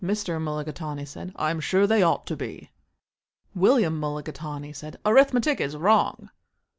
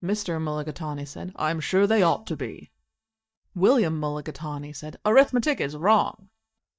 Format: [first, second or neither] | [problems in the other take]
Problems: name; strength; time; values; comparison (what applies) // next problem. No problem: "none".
first | noise reduction (neural mask model DeepFilterNet 3)